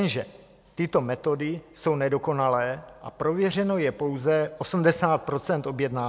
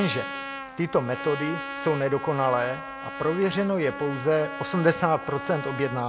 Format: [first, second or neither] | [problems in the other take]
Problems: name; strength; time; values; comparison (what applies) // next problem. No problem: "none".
first | background sound (Trumpet); 9 dB below the speech